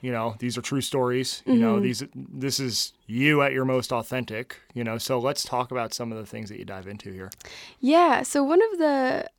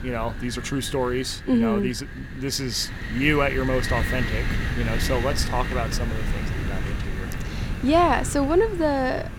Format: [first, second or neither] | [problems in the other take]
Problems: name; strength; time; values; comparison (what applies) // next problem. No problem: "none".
first | wind noise on the microphone; heavy; 8 dB below the speech